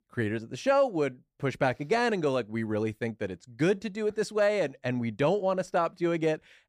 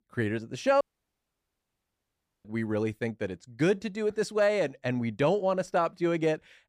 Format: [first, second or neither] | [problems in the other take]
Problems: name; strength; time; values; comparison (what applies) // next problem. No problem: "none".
first | audio cutting out; at 1 s for 1.5 s